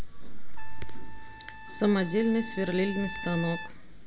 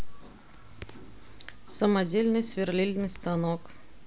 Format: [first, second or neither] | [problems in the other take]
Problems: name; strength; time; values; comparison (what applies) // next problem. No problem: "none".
second | background sound (Trumpet); 15 dB below the speech // room echo; dies away in 0.6 s